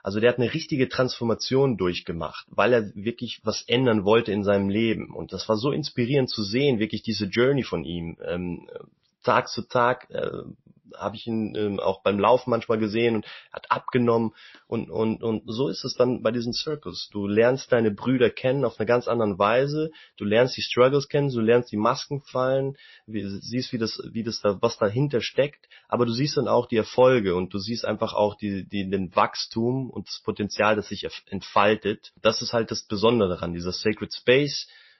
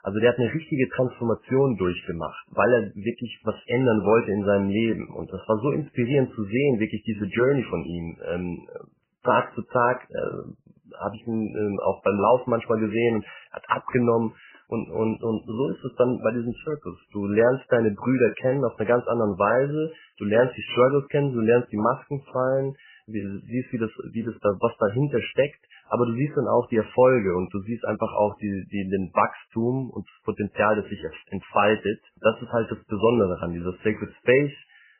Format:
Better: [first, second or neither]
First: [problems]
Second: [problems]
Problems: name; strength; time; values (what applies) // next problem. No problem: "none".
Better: first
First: garbled, watery; slightly; nothing above 5.5 kHz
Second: garbled, watery; badly; nothing above 3 kHz